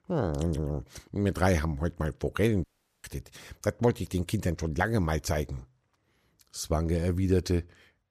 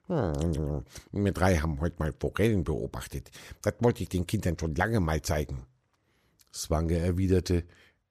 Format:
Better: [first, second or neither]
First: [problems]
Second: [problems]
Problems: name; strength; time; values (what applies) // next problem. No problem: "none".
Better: second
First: audio cutting out; at 2.5 s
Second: none